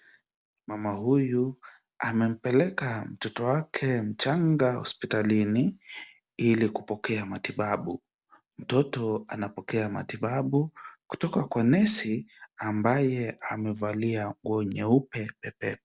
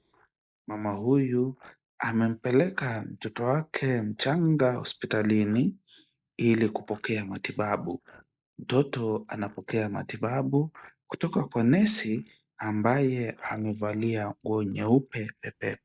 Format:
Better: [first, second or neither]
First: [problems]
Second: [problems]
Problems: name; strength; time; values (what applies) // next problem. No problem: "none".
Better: first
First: none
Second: noise reduction (neural mask model Resemble Enhance denoiser)